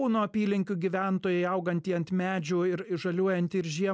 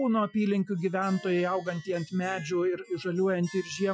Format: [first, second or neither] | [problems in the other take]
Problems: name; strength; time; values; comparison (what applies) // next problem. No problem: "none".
first | noise reduction (classical method Wiener filter)